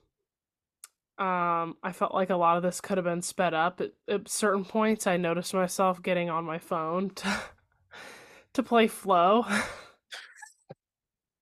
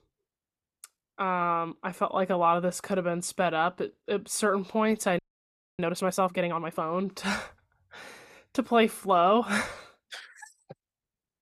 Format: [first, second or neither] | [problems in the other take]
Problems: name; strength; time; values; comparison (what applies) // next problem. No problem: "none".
first | audio freezing; at 5 s for 0.5 s